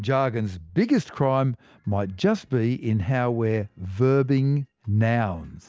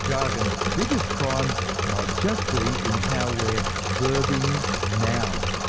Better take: first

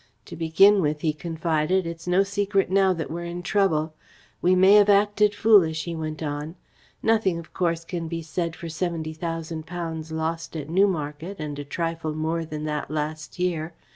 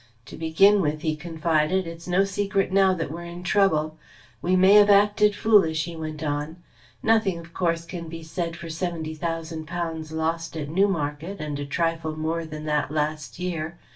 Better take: first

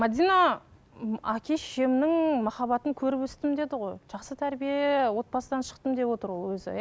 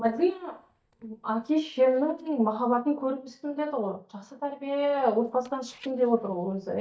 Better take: first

